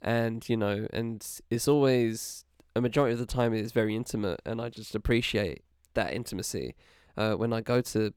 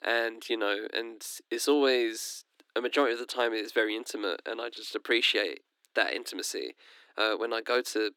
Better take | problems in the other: first | thin; somewhat; fading below 300 Hz

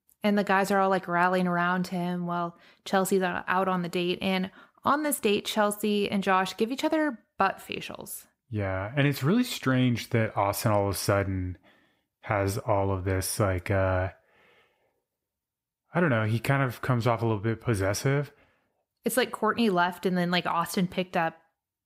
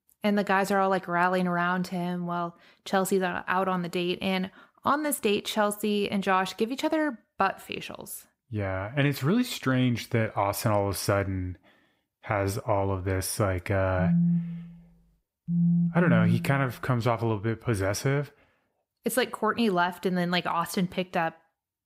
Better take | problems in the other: first | phone ringing; loud; from 14 to 17 s; peak 3 dB above the speech

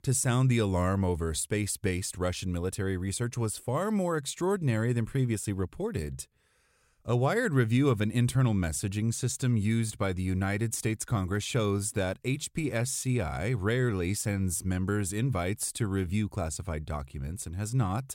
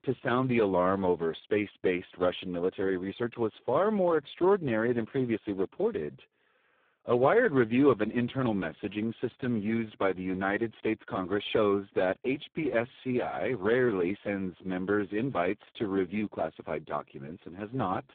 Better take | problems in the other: first | phone-call audio; poor line

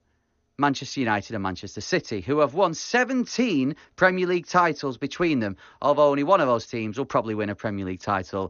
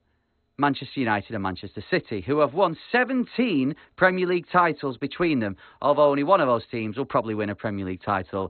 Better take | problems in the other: first | garbled, watery; badly; nothing above 4 kHz; slightly in the first

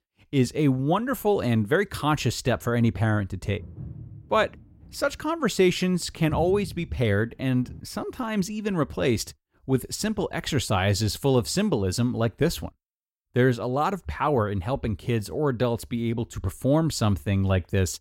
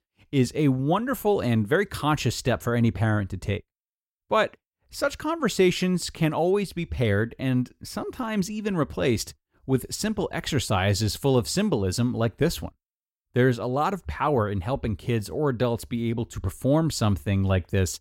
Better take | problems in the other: second | footsteps; noticeable; from 3.5 to 8 s; peak 8 dB below the speech

